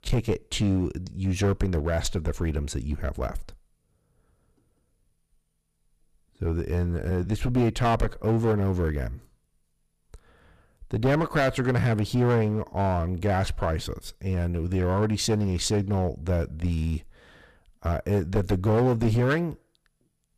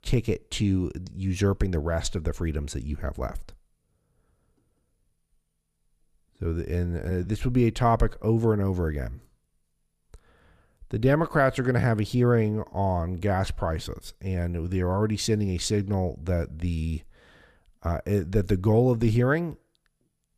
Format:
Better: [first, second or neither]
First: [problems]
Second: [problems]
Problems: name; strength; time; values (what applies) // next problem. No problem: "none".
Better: second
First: distortion; slight; 6% of the sound clipped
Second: none